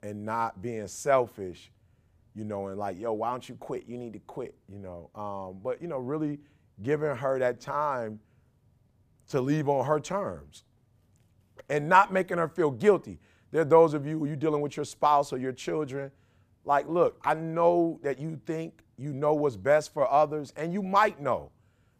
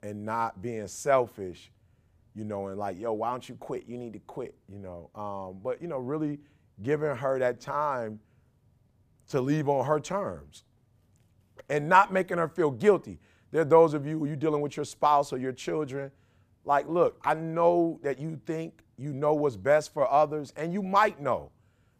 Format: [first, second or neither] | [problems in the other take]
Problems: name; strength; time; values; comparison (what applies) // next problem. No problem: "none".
neither | none